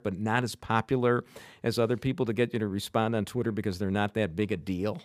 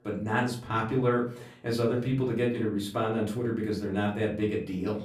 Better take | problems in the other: first | off-mic speech; far // room echo; slight; dies away in 0.4 s

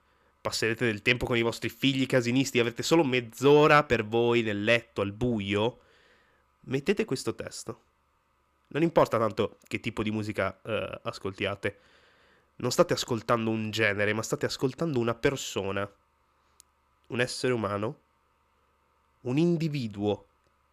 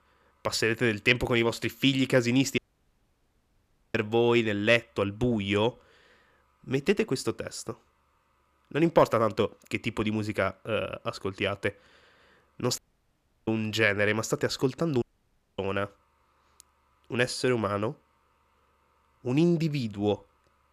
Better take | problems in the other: first | audio cutting out; at 2.5 s for 1.5 s, at 13 s for 0.5 s and at 15 s for 0.5 s

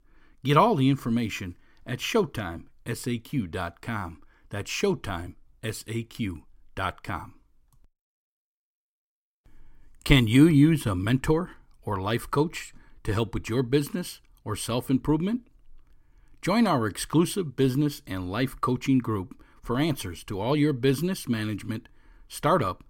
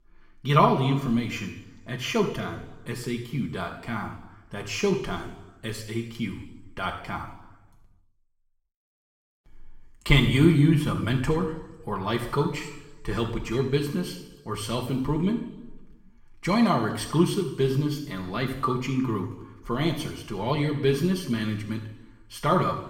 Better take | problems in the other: first | room echo; slight; dies away in 1 s // off-mic speech; somewhat distant

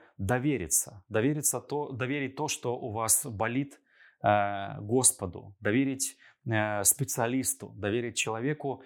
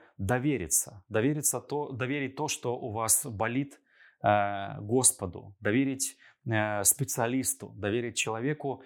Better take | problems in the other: neither | none

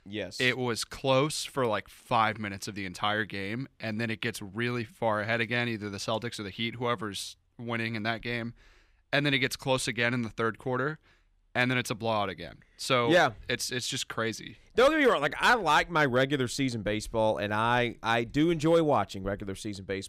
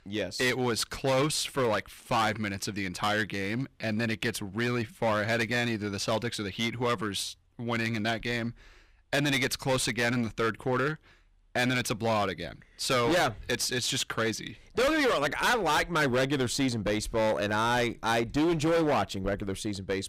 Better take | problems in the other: first | distortion; heavy; 13% of the sound clipped

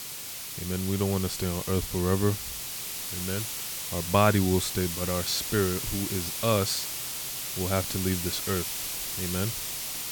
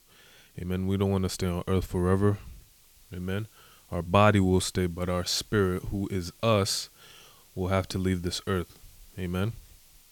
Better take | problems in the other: second | hiss; loud; throughout; 3 dB below the speech; faint in the second

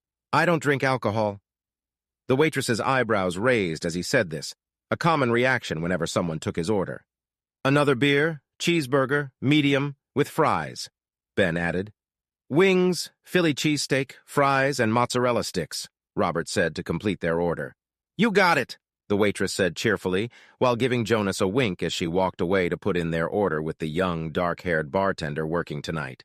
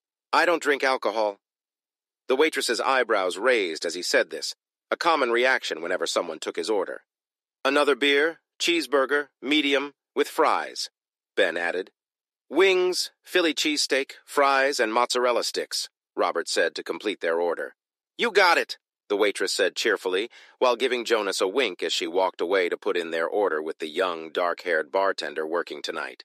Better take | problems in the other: first | thin; somewhat; fading below 300 Hz

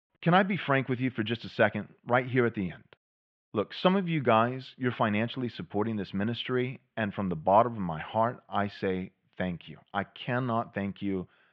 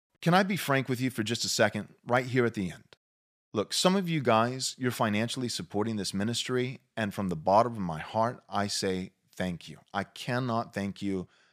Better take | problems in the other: second | muffled; very; fading above 3 kHz

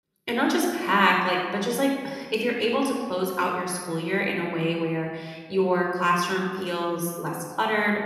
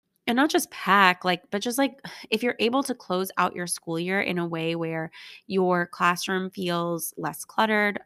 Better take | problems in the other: second | room echo; noticeable; dies away in 1.4 s // off-mic speech; somewhat distant

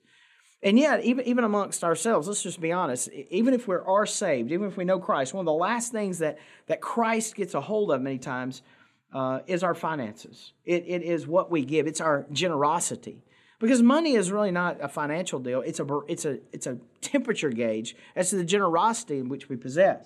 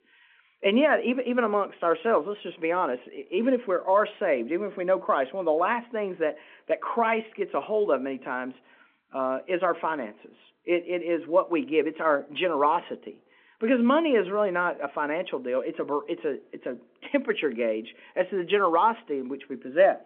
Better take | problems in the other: first | phone-call audio

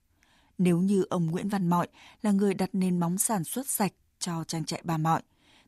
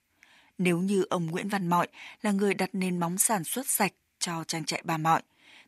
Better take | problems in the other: first | thin; very slightly; fading below 600 Hz

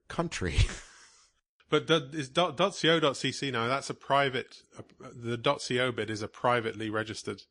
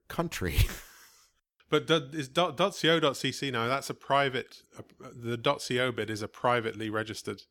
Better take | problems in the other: second | garbled, watery; slightly; nothing above 8 kHz

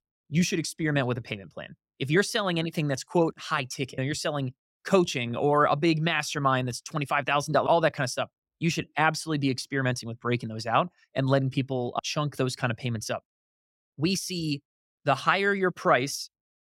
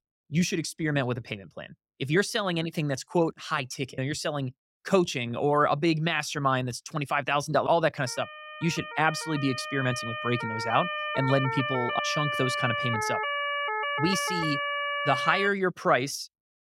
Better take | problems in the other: first | siren; noticeable; from 8 to 15 s; peak level with the speech

